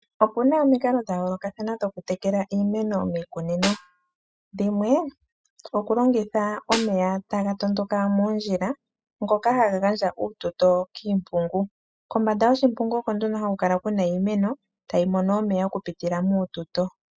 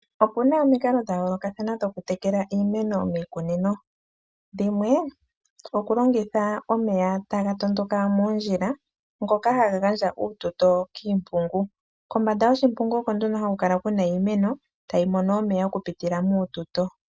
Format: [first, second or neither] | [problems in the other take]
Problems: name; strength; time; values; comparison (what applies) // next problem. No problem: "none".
second | noise reduction (classical method spectral subtraction)